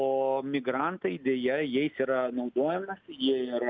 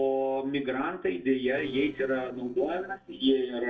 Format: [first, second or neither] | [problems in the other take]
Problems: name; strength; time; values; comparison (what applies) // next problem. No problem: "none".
first | noise reduction (neural separator model SepFormer DNS4)